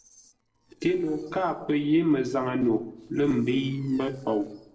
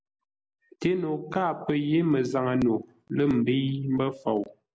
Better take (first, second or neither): second